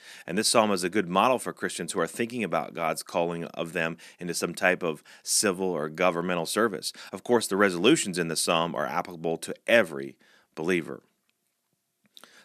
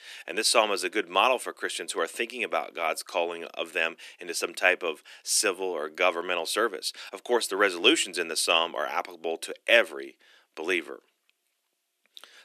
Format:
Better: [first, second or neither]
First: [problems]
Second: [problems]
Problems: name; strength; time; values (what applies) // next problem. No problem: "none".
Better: first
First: none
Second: thin; somewhat; fading below 350 Hz